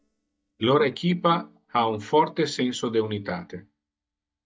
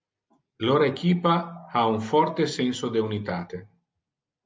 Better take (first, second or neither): second